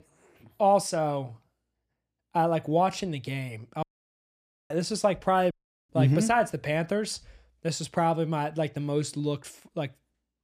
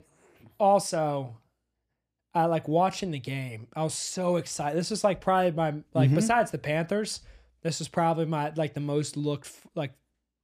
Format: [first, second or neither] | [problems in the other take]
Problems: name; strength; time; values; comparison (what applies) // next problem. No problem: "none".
second | audio cutting out; at 4 s for 1 s and at 5.5 s